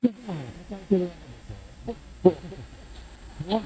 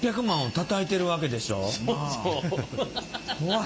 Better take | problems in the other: second | noise reduction (neural mask model DeepFilterNet 3)

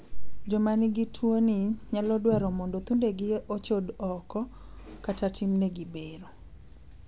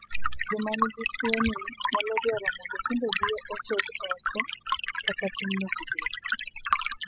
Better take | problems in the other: first | noise reduction (classical method spectral subtraction)

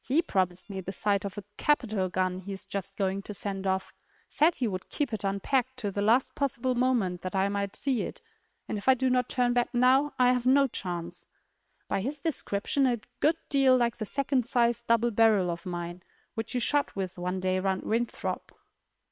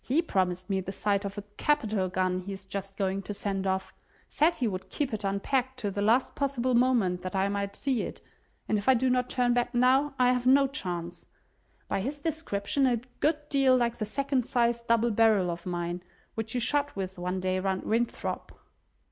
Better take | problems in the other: second | noise reduction (neural separator model SepFormer WHAM!)

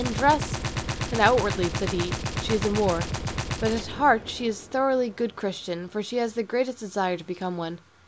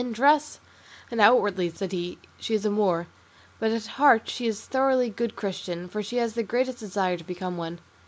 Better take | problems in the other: second | background sound (Gunshot, gunfire); 6 dB below the speech

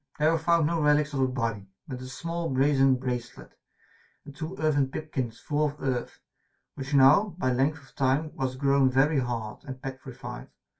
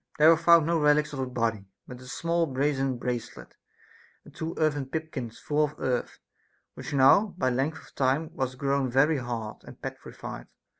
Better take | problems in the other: second | room echo; dies away in 0.1 s

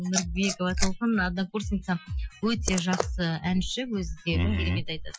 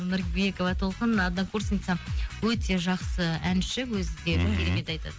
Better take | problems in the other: second | noise reduction (classical method Wiener filter)

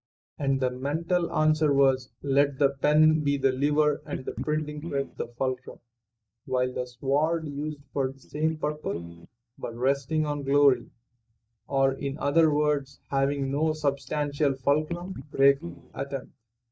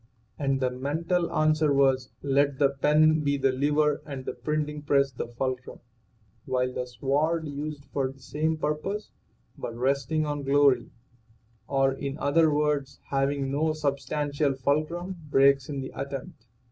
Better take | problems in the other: second | noise reduction (neural mask model DeepFilterNet 3)

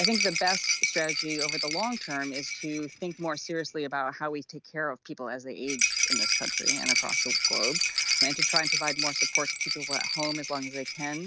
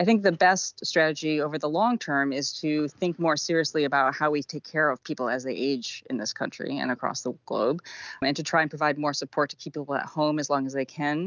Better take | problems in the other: second | background sound (Rattle); 4 dB above the speech

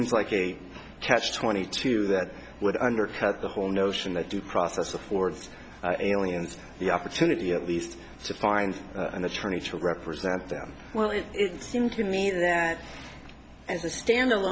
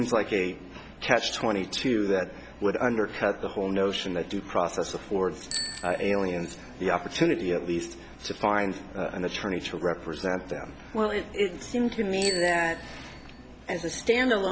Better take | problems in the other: first | background sound (Bicycle bell); 16 dB below the speech

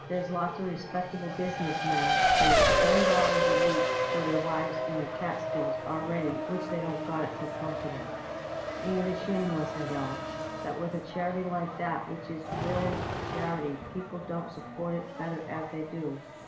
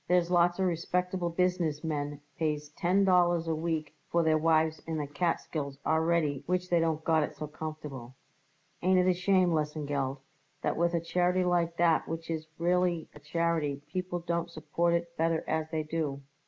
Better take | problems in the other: second | background sound (Race car, auto racing); 3 dB above the speech // room echo; dies away in 1.2 s

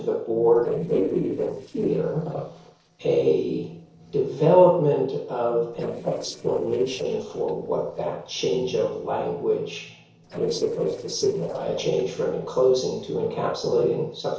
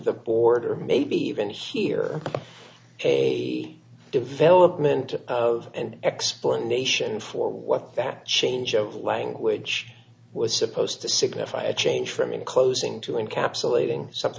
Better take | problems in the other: second | noise reduction (neural separator model SepFormer DNS4)

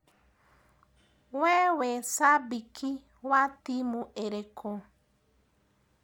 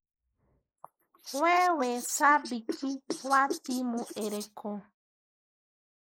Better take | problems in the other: first | noise reduction (neural mask model Resemble Enhance denoiser)

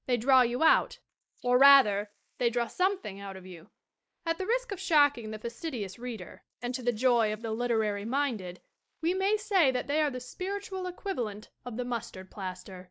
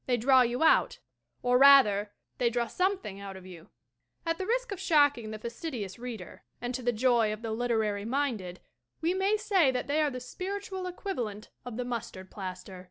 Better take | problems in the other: second | noise reduction (neural mask model Resemble Enhance denoiser)

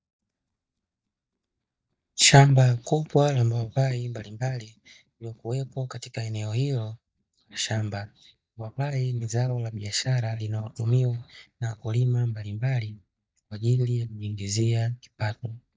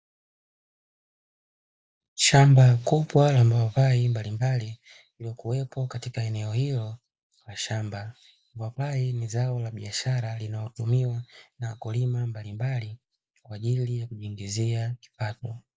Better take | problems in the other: second | noise reduction (neural mask model DeepFilterNet 3)

